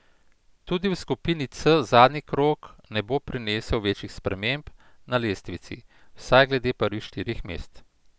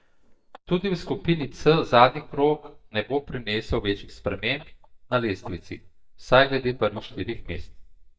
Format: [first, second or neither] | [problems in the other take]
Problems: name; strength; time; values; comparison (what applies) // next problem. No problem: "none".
first | noise reduction (neural mask model DeepFilterNet 3)